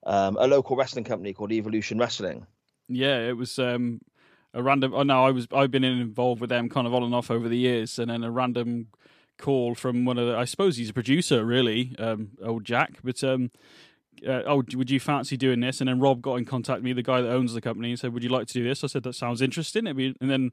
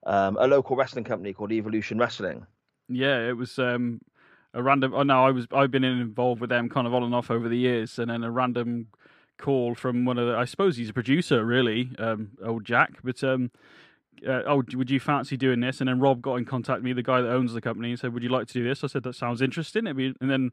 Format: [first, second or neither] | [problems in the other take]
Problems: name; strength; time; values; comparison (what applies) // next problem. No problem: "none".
first | muffled; slightly; fading above 4 kHz